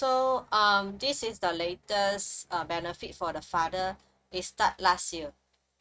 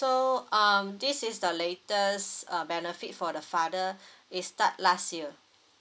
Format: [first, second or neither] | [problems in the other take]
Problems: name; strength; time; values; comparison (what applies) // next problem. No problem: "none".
second | noise reduction (neural mask model RNNoise)